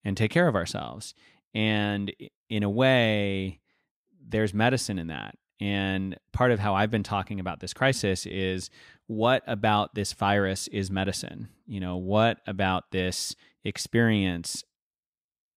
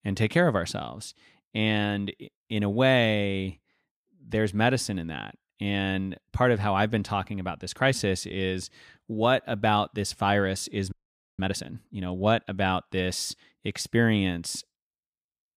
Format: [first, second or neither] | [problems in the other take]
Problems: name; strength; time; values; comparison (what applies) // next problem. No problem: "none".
first | audio freezing; at 11 s